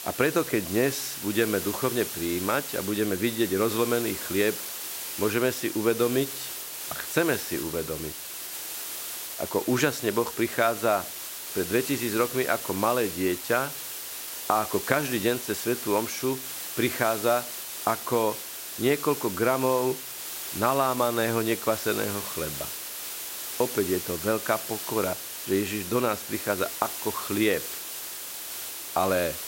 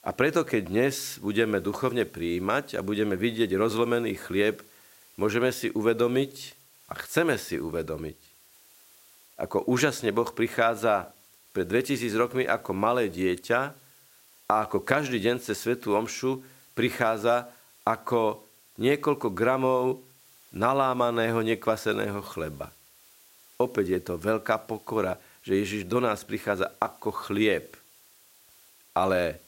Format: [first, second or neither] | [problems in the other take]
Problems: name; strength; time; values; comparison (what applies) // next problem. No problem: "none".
second | hiss; loud; throughout; 6 dB below the speech; faint in the second